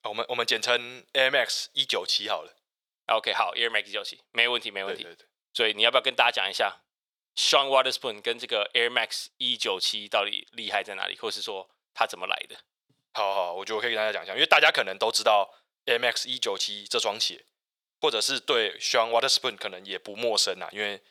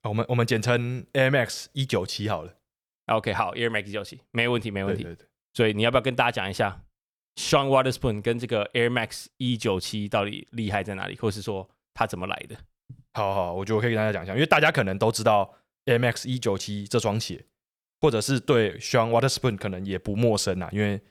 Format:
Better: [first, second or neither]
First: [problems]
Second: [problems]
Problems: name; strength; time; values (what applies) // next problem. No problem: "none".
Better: second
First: thin; very; fading below 650 Hz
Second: none